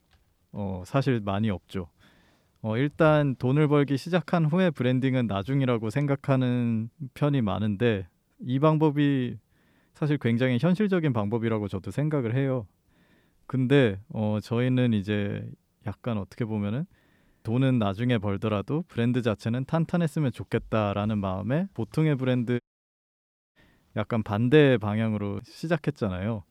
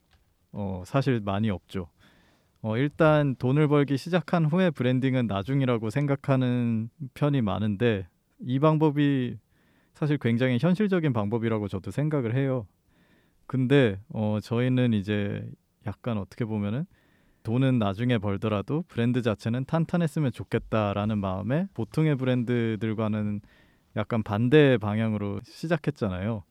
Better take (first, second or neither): second